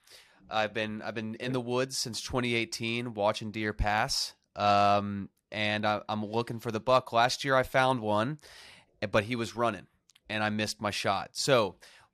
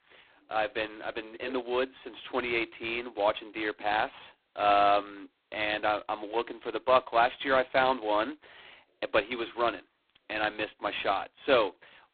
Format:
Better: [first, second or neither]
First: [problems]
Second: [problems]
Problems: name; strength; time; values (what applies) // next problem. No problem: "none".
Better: first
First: none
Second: phone-call audio; poor line; nothing above 4 kHz